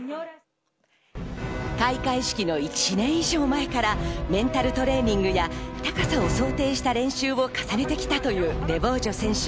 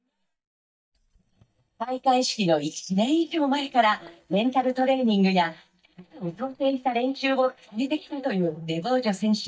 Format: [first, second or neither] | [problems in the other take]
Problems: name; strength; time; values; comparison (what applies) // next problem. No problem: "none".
first | noise reduction (neural mask model DeepFilterNet 3)